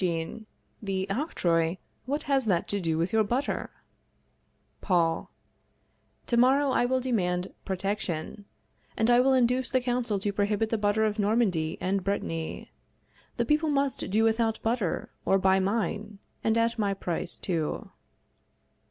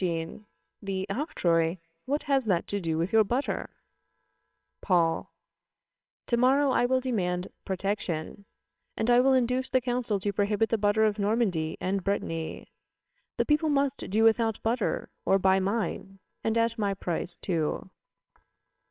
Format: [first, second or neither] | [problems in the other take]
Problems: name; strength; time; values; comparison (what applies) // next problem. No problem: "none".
first | noise reduction (neural separator model SepFormer WHAMR!)